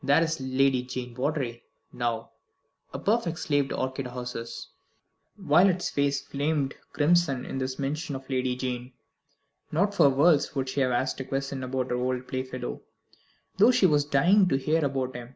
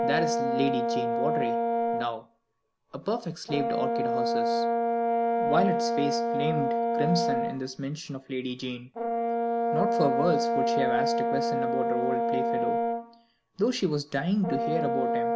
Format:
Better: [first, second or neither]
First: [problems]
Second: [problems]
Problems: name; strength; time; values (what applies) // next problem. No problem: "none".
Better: first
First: none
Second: background sound (Brass instrument); 4 dB above the speech